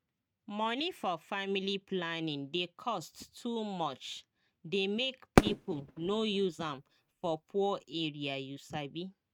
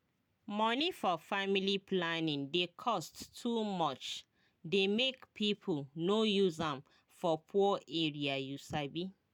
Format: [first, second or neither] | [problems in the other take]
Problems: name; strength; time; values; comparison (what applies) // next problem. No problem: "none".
second | noise reduction (neural mask model RNNoise)